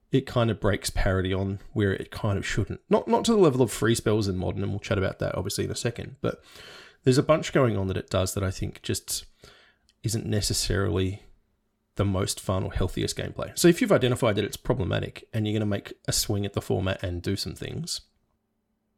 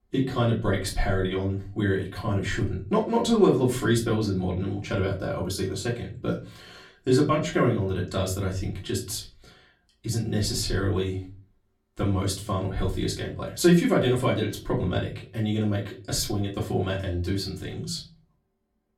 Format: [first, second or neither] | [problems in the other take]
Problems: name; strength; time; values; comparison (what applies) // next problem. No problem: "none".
first | off-mic speech; far // room echo; very slight; dies away in 0.3 s